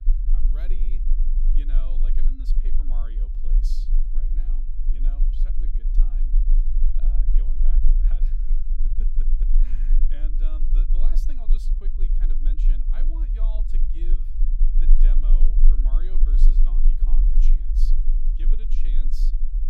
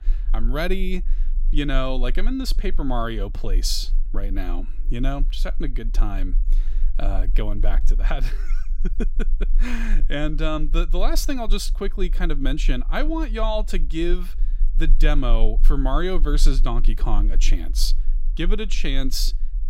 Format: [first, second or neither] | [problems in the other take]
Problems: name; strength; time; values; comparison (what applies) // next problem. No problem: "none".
second | low rumble; loud; throughout; 1 dB below the speech; faint in the second